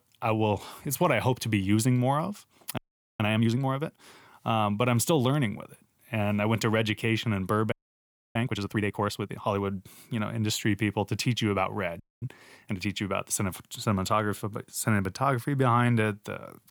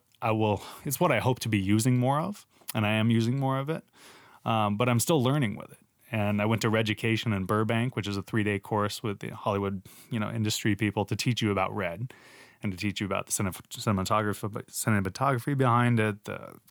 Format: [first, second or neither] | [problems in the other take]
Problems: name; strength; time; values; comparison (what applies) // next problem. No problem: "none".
second | audio freezing; at 3 s, at 7.5 s for 0.5 s and at 12 s